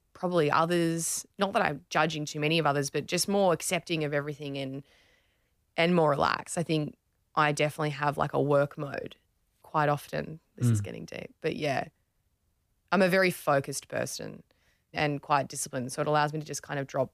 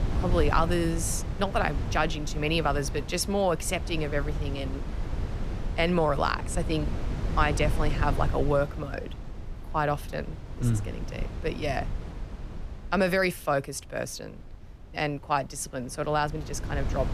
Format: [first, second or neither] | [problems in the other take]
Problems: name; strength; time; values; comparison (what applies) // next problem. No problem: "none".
first | wind noise on the microphone; occasional gusts; 15 dB below the speech